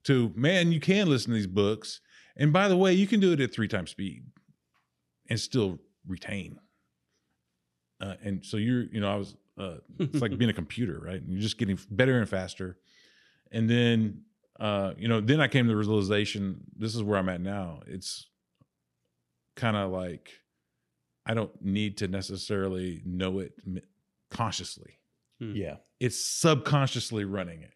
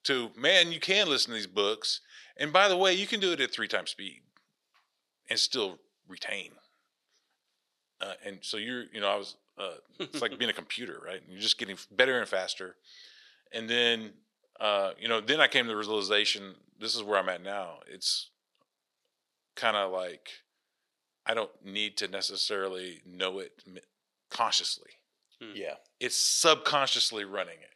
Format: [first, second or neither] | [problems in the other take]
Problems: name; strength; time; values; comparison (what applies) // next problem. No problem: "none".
first | thin; very; fading below 650 Hz